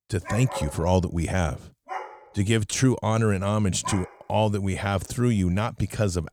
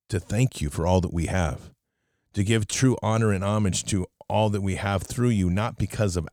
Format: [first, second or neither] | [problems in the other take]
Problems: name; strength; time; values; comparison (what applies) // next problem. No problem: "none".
second | dog barking; noticeable; until 4 s; peak 8 dB below the speech